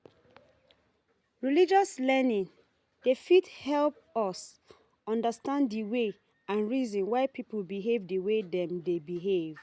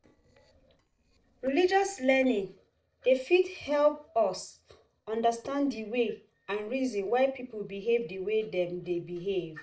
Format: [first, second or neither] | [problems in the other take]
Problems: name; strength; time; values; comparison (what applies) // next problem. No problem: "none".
first | noise reduction (neural separator model SepFormer DNS4)